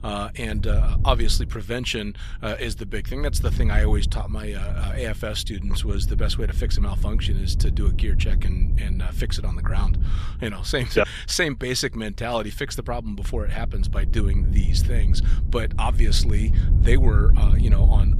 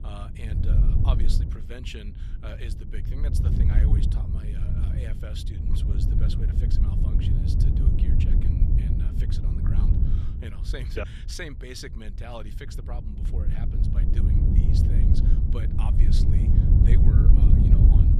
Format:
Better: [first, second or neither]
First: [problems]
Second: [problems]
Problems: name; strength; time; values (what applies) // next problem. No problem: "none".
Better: first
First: wind noise on the microphone; occasional gusts; 10 dB below the speech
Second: wind noise on the microphone; heavy; 4 dB above the speech